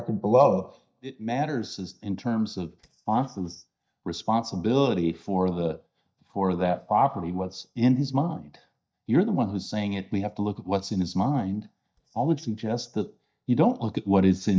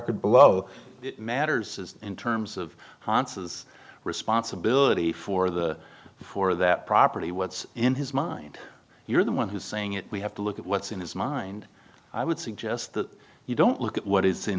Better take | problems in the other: second | noise reduction (neural mask model DeepFilterNet 3)

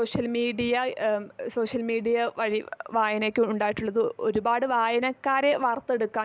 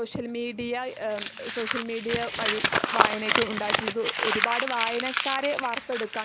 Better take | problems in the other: first | background sound (Crumpling, crinkling); 1 dB above the speech

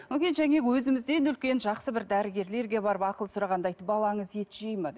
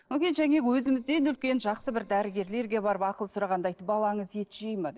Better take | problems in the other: first | noise reduction (neural separator model SepFormer DNS4)

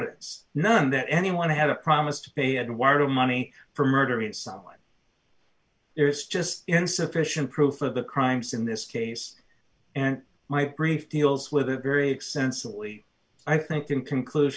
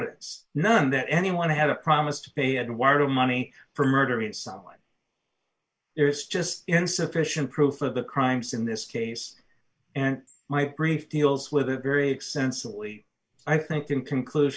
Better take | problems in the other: first | noise reduction (neural mask model Resemble Enhance denoiser)

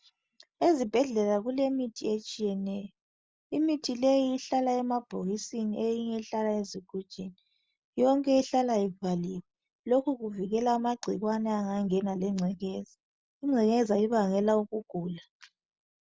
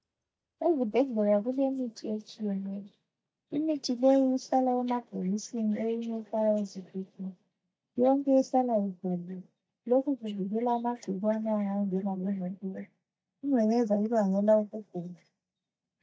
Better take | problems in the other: first | noise reduction (neural mask model DeepFilterNet 3)

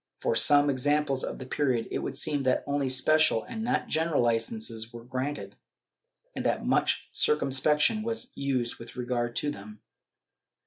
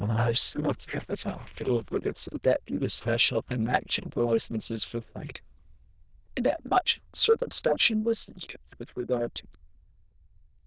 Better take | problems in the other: first | noise reduction (neural diffusion model UNIVERSE++)

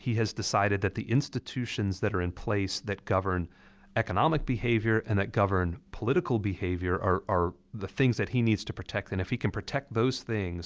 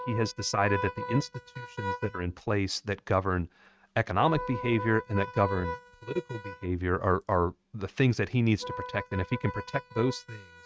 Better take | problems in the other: first | noise reduction (neural mask model RNNoise)

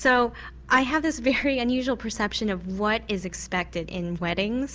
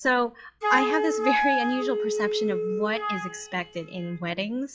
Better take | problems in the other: first | noise reduction (classical method log-MMSE)

